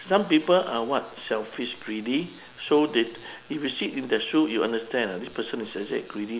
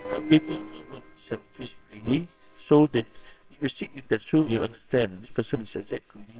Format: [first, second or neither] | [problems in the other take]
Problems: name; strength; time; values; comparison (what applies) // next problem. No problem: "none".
first | noise reduction (neural separator model SepFormer WHAMR!)